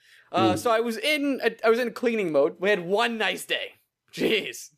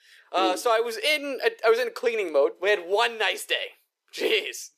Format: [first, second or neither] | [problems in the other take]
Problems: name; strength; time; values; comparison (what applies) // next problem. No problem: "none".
first | thin; somewhat; fading below 400 Hz